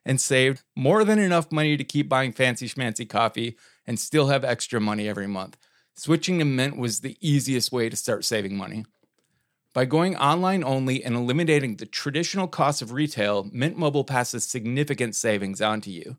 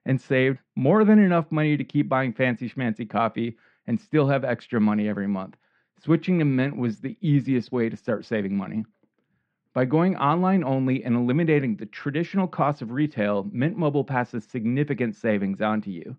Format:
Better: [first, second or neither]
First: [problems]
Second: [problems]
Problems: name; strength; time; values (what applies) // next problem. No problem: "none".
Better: first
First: none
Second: muffled; very; fading above 2.5 kHz